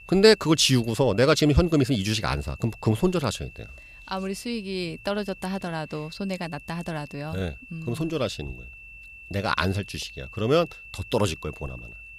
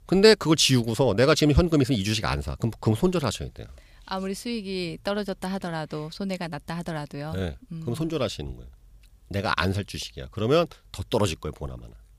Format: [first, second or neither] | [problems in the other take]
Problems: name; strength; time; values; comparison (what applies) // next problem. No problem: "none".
second | high-pitched whine; noticeable; throughout; 2.5 kHz, 20 dB below the speech